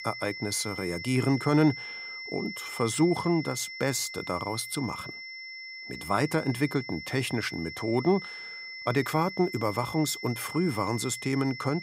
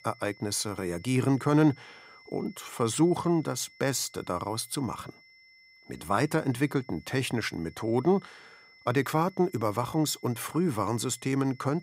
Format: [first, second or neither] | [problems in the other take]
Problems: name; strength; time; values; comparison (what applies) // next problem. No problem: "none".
second | high-pitched whine; loud; throughout; 2 kHz, 9 dB below the speech; faint in the second